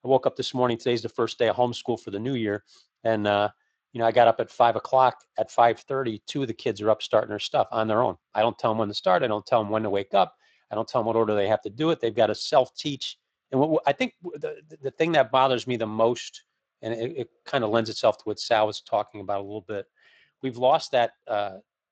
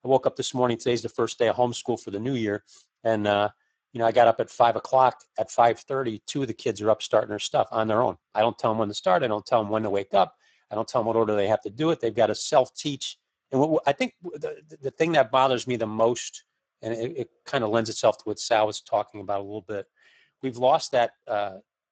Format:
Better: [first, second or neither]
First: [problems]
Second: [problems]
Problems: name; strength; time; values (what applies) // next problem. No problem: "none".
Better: first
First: garbled, watery; slightly; nothing above 7.5 kHz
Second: garbled, watery; badly; nothing above 7.5 kHz